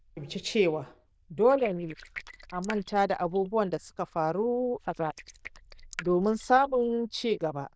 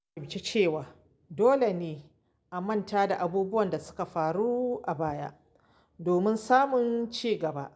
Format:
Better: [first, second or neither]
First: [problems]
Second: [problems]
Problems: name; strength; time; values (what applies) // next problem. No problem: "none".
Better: second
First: noise reduction (neural diffusion model UNIVERSE++)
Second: none